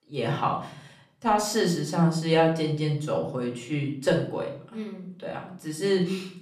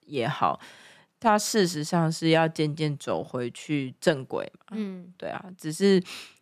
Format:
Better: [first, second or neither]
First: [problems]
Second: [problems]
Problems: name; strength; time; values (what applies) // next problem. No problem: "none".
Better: second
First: room echo; slight; dies away in 0.5 s // off-mic speech; somewhat distant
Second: none